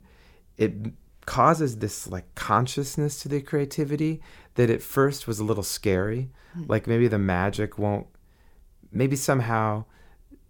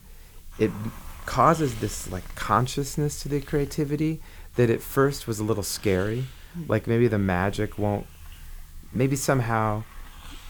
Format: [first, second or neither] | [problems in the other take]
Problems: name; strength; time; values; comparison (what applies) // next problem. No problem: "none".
first | hiss; noticeable; throughout; 20 dB below the speech